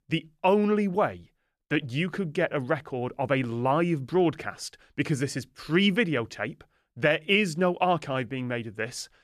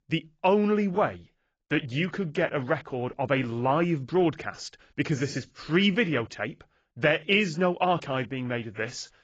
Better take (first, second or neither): first